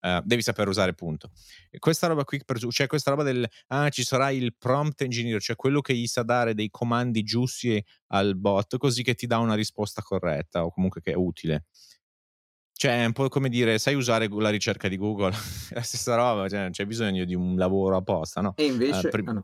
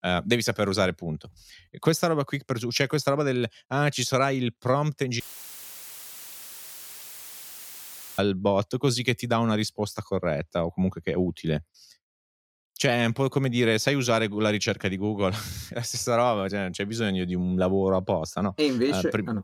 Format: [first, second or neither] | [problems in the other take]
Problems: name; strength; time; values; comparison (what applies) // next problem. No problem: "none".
first | audio cutting out; filled with static; at 5 s for 3 s